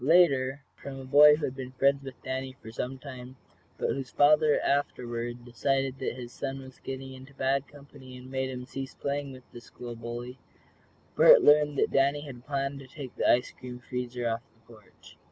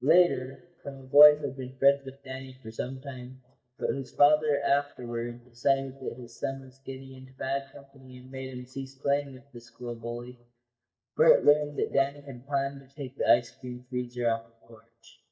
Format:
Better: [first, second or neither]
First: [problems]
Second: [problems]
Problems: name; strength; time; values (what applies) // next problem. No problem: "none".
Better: first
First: none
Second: noise reduction (neural mask model DeepFilterNet 3)